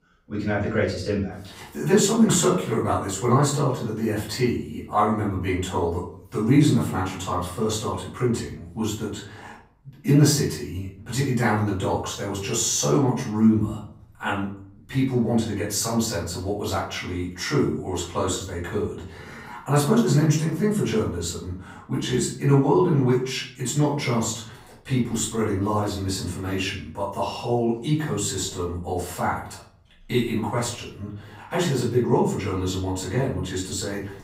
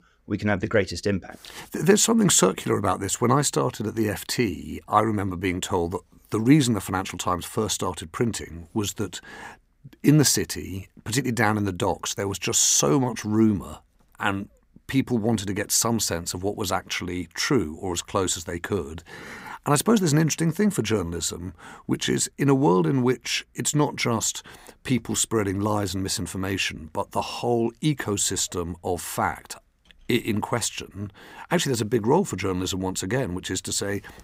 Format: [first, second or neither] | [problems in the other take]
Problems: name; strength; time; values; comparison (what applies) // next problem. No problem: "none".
second | off-mic speech; far // room echo; noticeable; dies away in 0.5 s